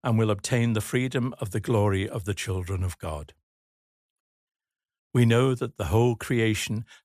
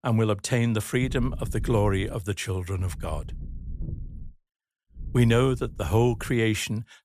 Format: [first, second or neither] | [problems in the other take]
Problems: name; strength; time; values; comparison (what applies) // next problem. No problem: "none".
first | low rumble; faint; from 1 to 2 s, from 3 to 4.5 s and from 5 to 6.5 s; 25 dB below the speech